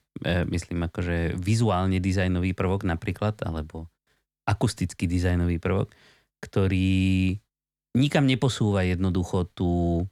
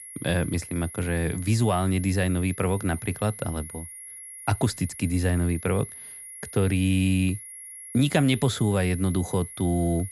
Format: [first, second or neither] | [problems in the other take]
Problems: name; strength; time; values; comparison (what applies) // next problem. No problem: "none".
first | high-pitched whine; noticeable; throughout; 10.5 kHz, 15 dB below the speech